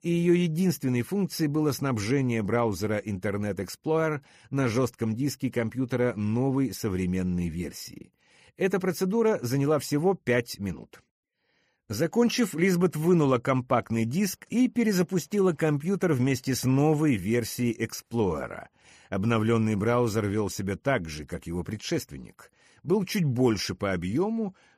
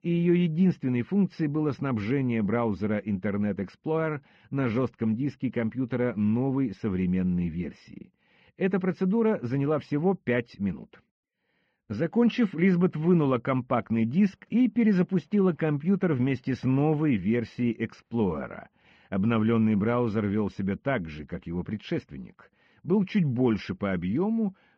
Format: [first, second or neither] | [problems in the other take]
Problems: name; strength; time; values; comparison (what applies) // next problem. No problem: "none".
first | muffled; very; fading above 3.5 kHz